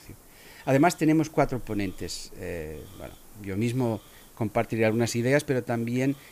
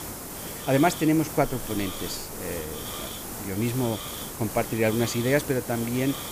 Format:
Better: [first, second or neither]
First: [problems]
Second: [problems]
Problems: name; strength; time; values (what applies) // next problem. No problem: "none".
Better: first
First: hiss; faint; throughout; 25 dB below the speech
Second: hiss; loud; throughout; 7 dB below the speech